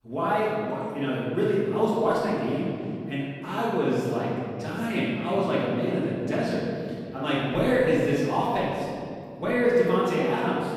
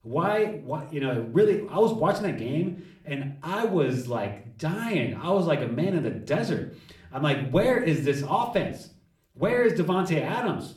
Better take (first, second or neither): second